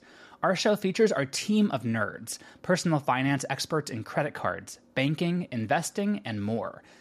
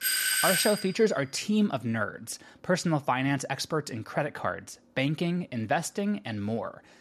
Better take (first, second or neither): first